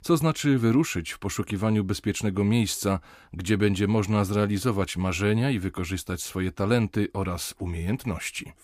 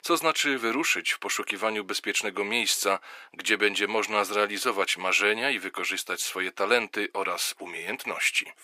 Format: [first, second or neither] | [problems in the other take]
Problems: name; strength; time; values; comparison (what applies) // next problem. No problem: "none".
first | thin; very; fading below 450 Hz